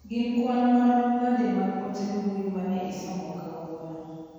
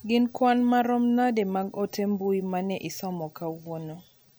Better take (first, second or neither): second